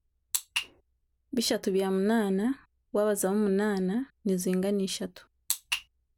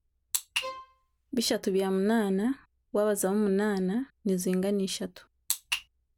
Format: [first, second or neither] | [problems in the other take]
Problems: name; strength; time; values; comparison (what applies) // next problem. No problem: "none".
first | background sound (Bowed string instrument); 15 dB below the speech